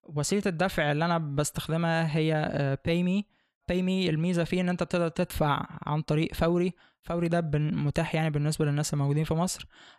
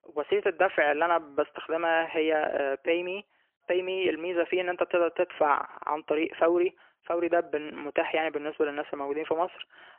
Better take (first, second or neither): first